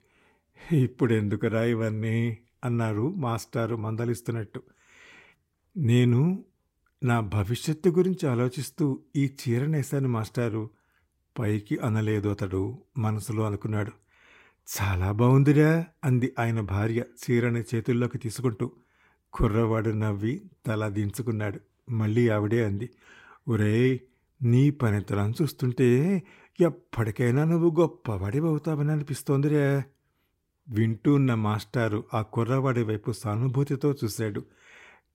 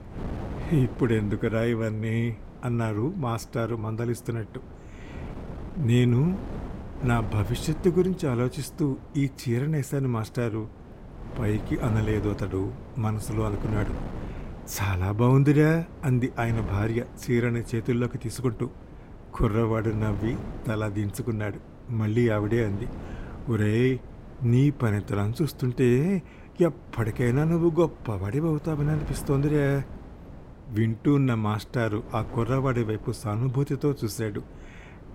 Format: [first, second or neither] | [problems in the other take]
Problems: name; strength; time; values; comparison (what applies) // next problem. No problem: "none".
first | wind noise on the microphone; occasional gusts; 15 dB below the speech